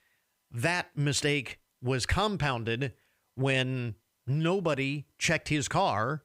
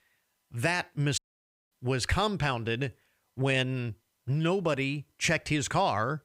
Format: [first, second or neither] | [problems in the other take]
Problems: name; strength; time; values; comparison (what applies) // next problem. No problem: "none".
first | audio cutting out; at 1 s for 0.5 s